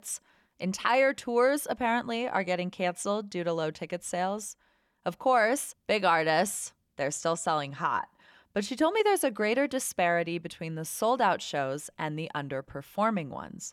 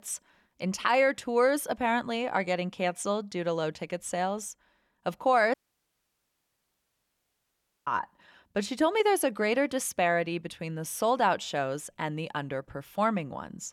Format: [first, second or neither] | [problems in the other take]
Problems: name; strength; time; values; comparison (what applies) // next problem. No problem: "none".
first | audio cutting out; at 5.5 s for 2.5 s